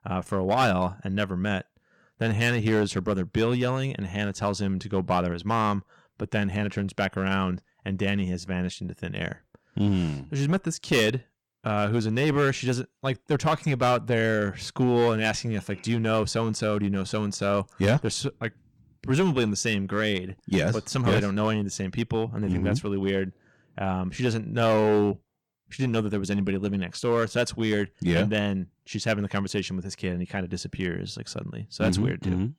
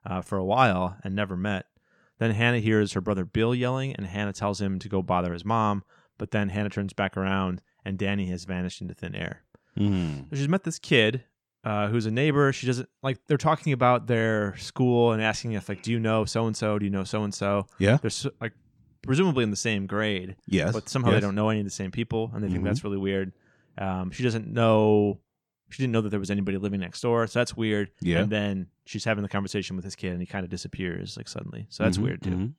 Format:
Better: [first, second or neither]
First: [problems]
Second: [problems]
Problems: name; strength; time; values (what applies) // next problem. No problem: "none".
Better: second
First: distortion; slight; 5% of the sound clipped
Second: none